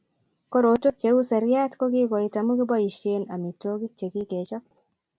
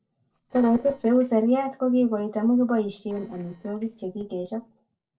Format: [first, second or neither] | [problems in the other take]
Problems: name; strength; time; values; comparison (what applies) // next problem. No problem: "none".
first | noise reduction (neural separator model SepFormer DNS4)